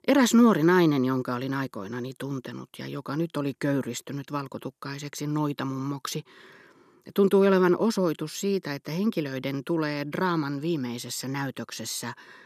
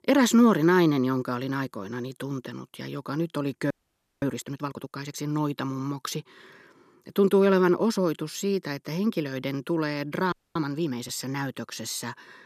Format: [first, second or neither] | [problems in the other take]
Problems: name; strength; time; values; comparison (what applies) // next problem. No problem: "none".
first | audio freezing; at 3.5 s for 0.5 s and at 10 s